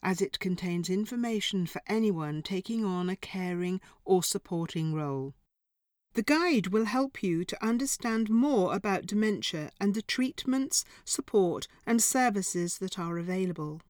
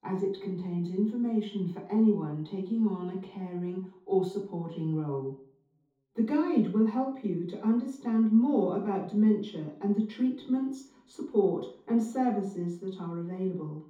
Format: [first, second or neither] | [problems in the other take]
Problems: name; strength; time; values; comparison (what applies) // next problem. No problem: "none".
first | room echo; noticeable; dies away in 0.5 s // off-mic speech; far